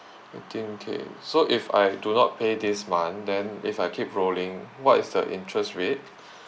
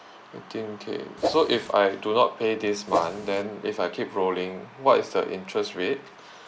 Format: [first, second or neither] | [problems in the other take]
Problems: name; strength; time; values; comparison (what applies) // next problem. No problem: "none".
first | background sound (Whoosh, swoosh, swish); 4 dB below the speech